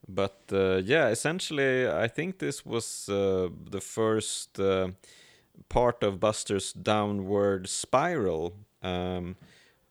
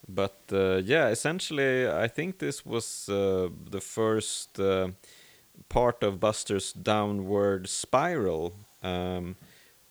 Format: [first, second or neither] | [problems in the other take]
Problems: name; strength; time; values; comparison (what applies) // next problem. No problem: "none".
first | hiss; faint; throughout; 30 dB below the speech